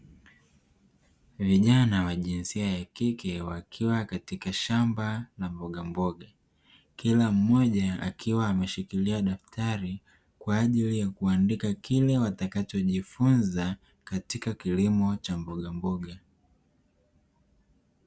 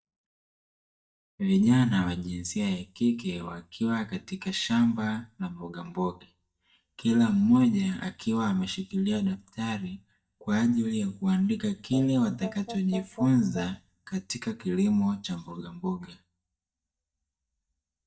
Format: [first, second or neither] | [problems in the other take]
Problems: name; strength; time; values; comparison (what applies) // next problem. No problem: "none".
first | noise reduction (neural mask model DeepFilterNet 3)